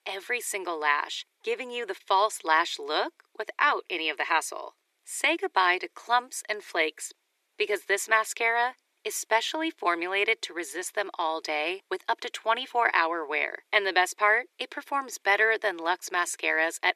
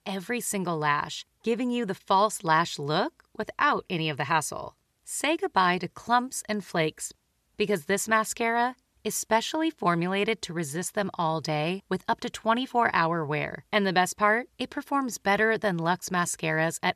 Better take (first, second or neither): second